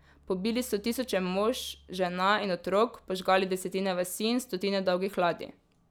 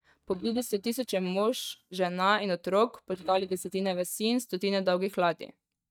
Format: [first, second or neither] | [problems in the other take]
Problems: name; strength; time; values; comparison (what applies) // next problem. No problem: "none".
first | noise reduction (neural mask model DeepFilterNet 3)